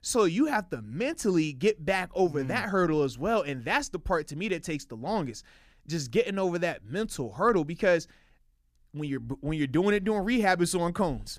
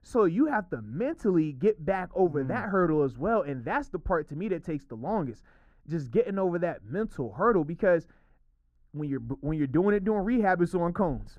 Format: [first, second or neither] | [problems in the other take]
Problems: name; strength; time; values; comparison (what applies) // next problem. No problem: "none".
first | muffled; very; fading above 2 kHz